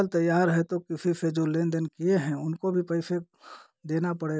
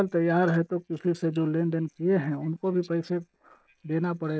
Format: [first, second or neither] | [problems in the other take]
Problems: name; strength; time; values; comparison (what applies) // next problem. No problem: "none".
first | noise reduction (neural separator model SepFormer DNS4)